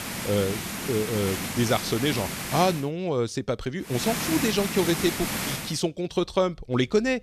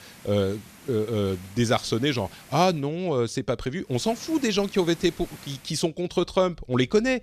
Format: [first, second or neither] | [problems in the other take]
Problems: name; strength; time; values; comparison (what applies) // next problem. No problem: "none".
second | hiss; loud; until 2.5 s and from 4 to 5.5 s; 4 dB below the speech; faint in the second